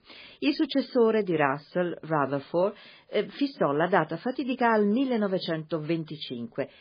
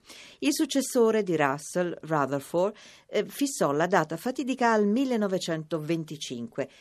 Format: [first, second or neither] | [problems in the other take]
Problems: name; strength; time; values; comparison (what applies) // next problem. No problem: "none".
second | garbled, watery; badly; nothing above 4.5 kHz